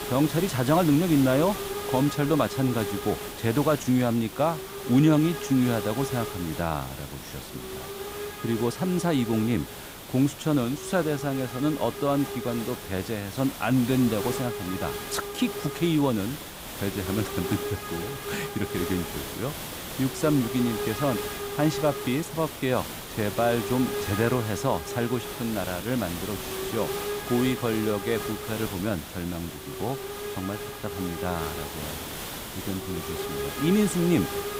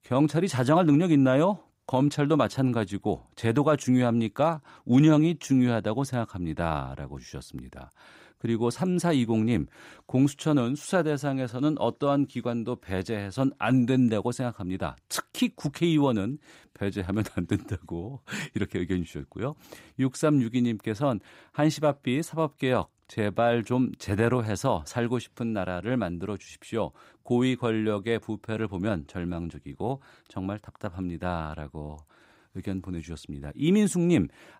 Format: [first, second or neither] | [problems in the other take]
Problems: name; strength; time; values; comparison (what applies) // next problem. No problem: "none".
second | hiss; loud; throughout; 7 dB below the speech